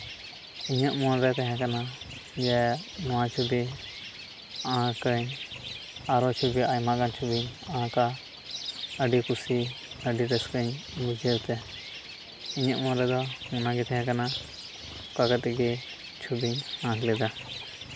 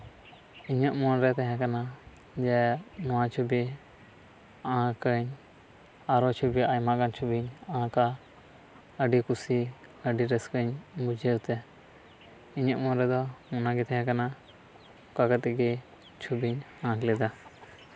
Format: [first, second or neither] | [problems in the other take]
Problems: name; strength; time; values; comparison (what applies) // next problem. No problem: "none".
second | background sound (Bird); 10 dB below the speech